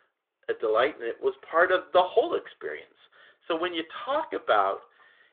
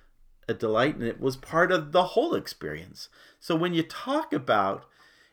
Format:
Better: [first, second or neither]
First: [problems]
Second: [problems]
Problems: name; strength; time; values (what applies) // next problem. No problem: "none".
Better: second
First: phone-call audio; nothing above 3.5 kHz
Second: none